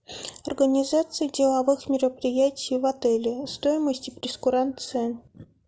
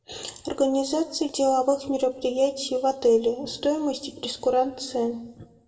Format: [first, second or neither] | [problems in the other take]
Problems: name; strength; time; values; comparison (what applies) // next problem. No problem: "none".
first | room echo; dies away in 0.7 s